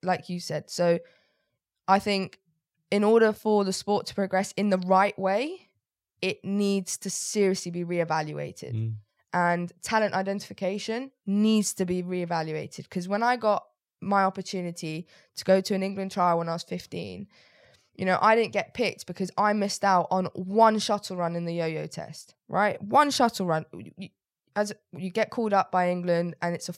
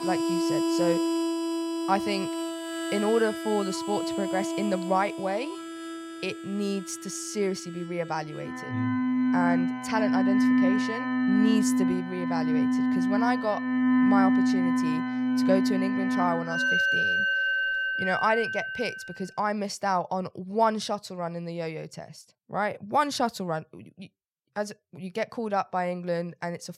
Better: first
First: none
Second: background music; very loud; until 19 s; 4 dB above the speech

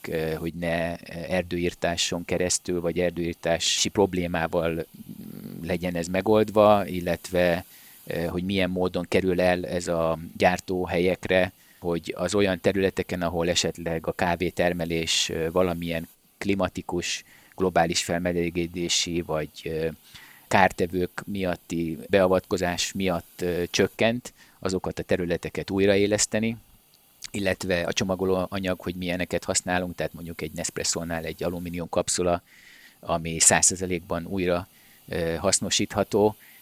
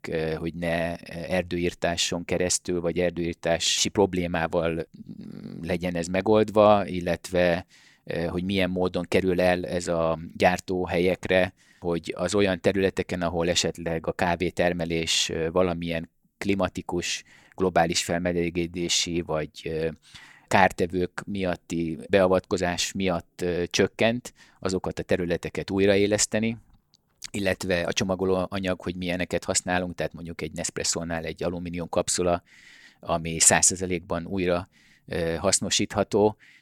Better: second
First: hiss; faint; throughout; 30 dB below the speech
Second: none

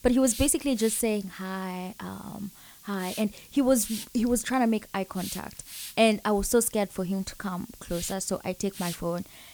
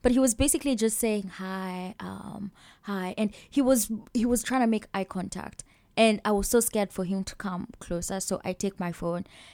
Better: second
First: hiss; noticeable; throughout; 15 dB below the speech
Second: none

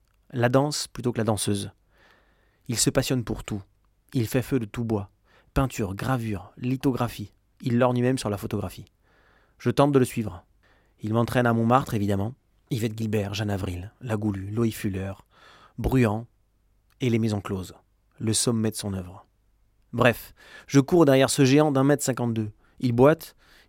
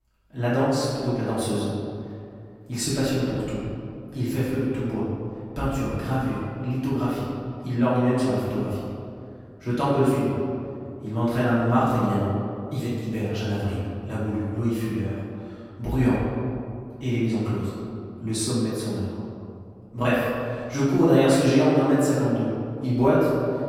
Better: first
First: none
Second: room echo; strong; dies away in 2.2 s // off-mic speech; far

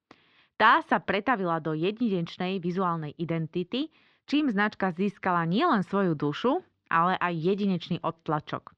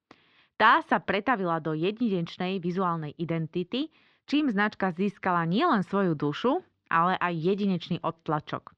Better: neither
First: muffled; very slightly; fading above 4 kHz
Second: muffled; very slightly; fading above 4 kHz

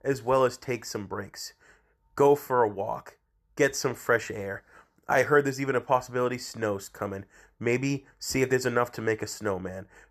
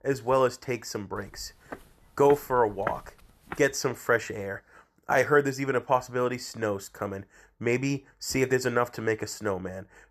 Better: first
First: none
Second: footsteps; noticeable; from 1.5 to 3.5 s; peak 9 dB below the speech

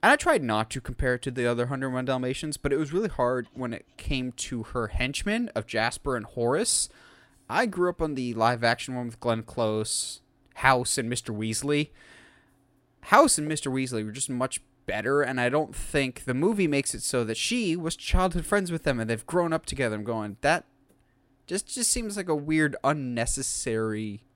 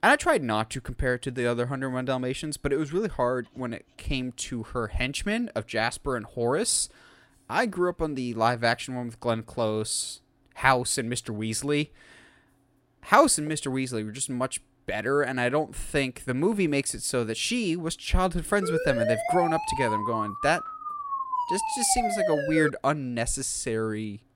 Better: first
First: none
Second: siren; loud; from 19 to 23 s; peak 1 dB above the speech

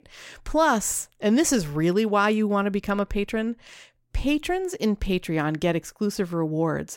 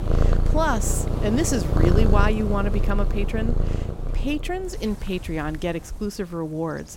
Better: first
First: none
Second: animal sounds; very loud; throughout; 2 dB above the speech

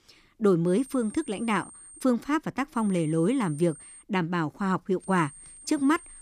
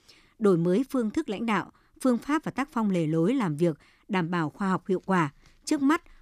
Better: second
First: high-pitched whine; noticeable; from 0.5 to 2 s, from 3 to 4 s and from 5 s on; 8.5 kHz, 20 dB below the speech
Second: none

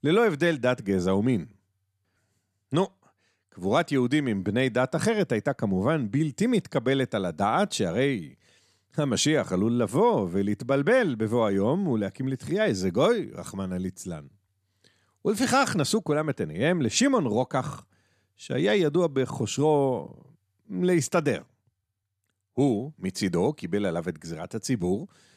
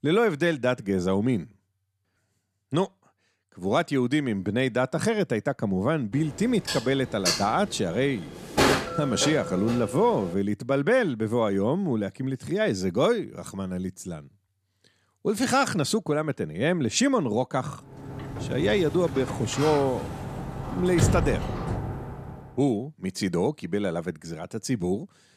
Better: first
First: none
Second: clattering dishes; loud; from 6.5 to 10 s; peak 4 dB above the speech // door banging; loud; from 18 to 22 s; peak 2 dB above the speech

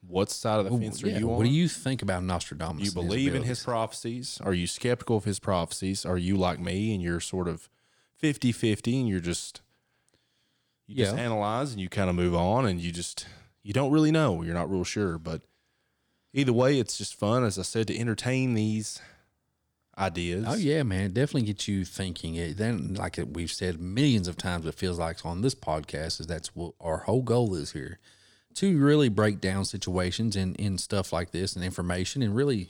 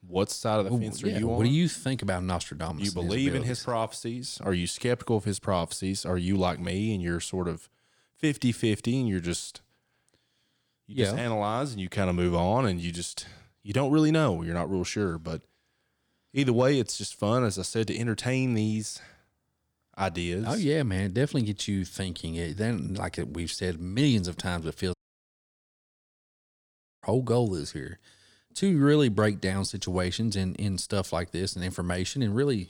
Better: first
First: none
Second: audio cutting out; at 25 s for 2 s

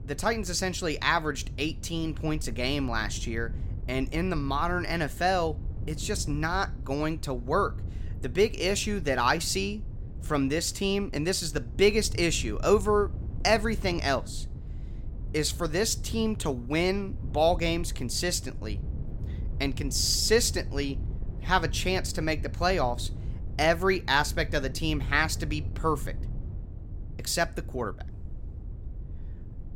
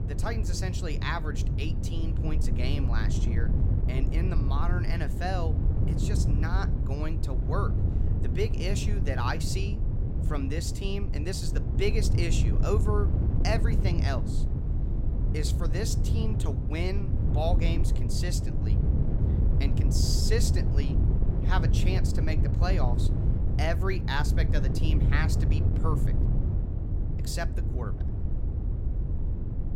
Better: first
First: wind noise on the microphone; occasional gusts; 25 dB below the speech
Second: wind noise on the microphone; heavy; 5 dB below the speech

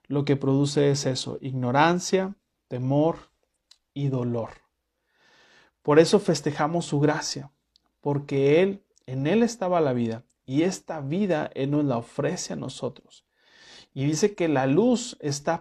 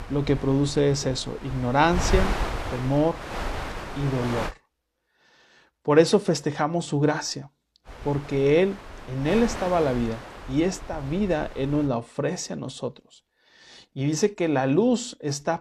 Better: first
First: none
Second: wind noise on the microphone; heavy; until 4.5 s and from 8 to 12 s; 9 dB below the speech

